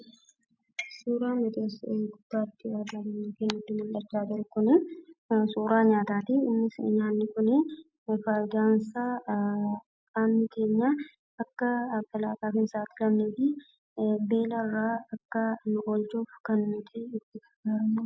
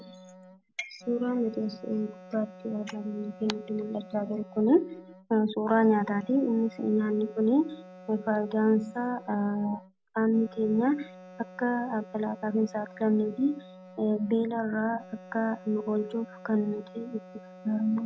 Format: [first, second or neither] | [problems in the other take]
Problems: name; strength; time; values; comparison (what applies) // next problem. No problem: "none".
first | background sound (Wind instrument, woodwind instrument); 20 dB below the speech